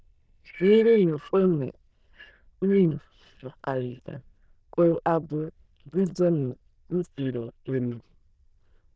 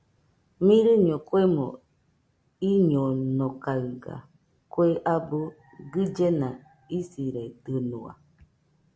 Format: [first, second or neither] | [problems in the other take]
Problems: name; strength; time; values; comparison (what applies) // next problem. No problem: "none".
second | noise reduction (neural diffusion model UNIVERSE++)